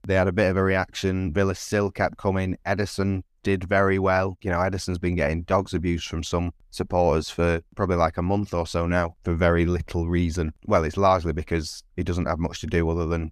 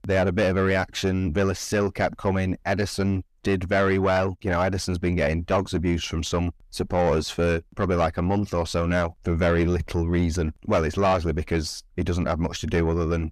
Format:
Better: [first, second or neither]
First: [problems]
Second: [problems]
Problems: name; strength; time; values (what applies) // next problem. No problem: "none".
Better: first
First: none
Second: distortion; slight; 10 dB below the speech